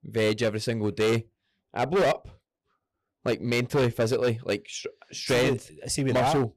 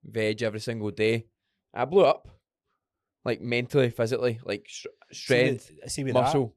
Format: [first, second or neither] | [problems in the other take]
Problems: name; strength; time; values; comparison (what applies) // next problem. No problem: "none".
second | distortion; heavy; 11% of the sound clipped